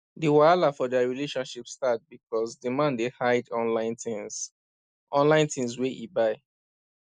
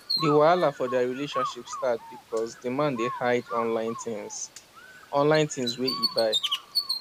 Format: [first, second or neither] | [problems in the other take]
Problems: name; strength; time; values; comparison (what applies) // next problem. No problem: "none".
first | background sound (Bird); 7 dB below the speech